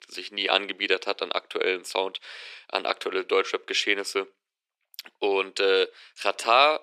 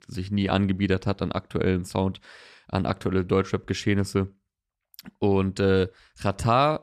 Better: second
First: thin; very; fading below 350 Hz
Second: none

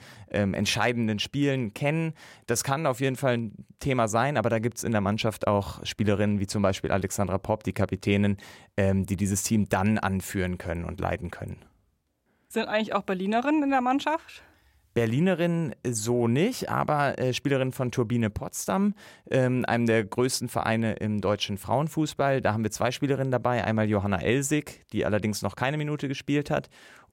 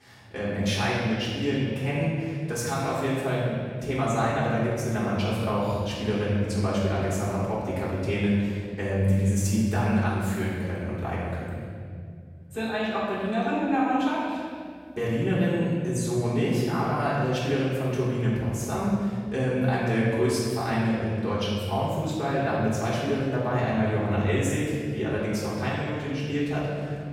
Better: first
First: none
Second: off-mic speech; far // room echo; strong; dies away in 2.4 s

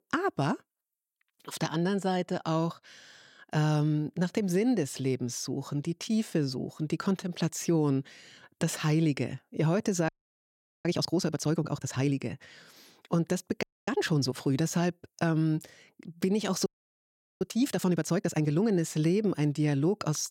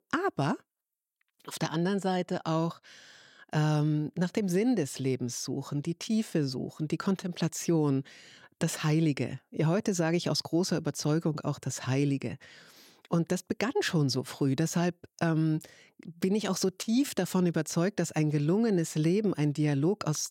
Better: second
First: audio freezing; at 10 s for 1 s, at 14 s and at 17 s for 1 s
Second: none

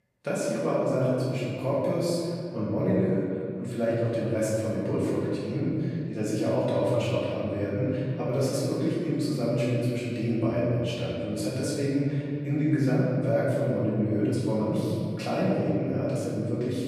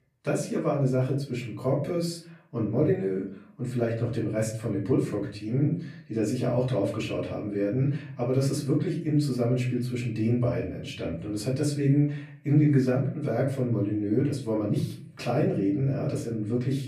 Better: second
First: room echo; strong; dies away in 2.1 s // off-mic speech; far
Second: room echo; slight; dies away in 0.5 s // off-mic speech; far

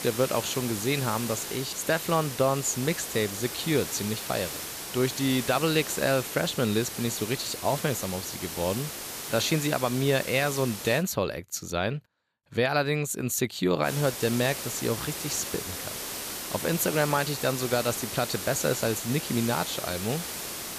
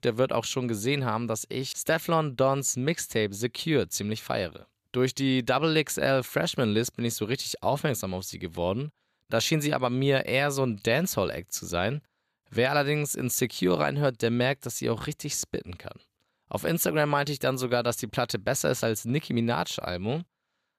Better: second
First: hiss; loud; until 11 s and from 14 s on; 6 dB below the speech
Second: none

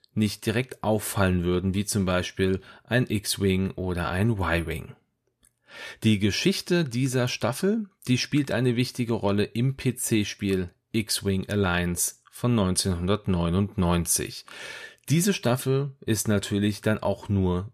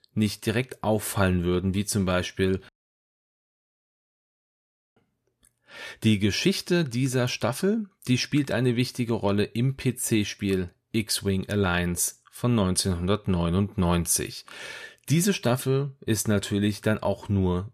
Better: first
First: none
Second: audio cutting out; at 2.5 s for 2.5 s

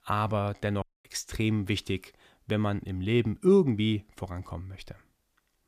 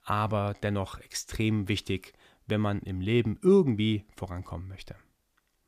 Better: second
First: audio cutting out; at 1 s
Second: none

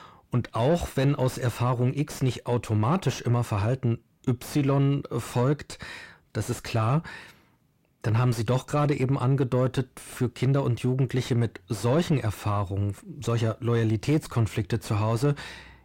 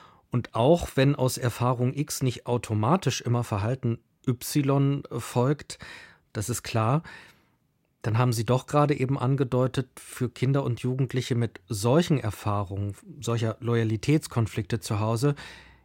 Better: second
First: distortion; slight; 10 dB below the speech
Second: none

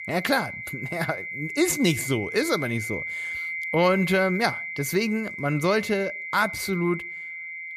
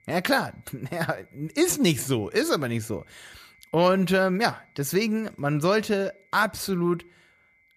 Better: second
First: high-pitched whine; loud; throughout; 2 kHz, 6 dB below the speech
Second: high-pitched whine; faint; throughout; 2 kHz, 35 dB below the speech

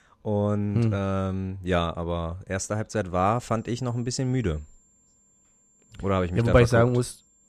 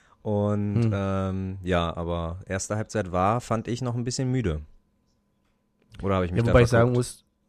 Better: second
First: high-pitched whine; faint; from 3 s on; 7.5 kHz, 35 dB below the speech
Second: none

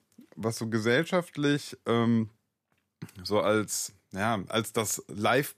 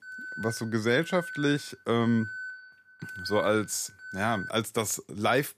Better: first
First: none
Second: alarm; noticeable; until 4.5 s; peak 9 dB below the speech

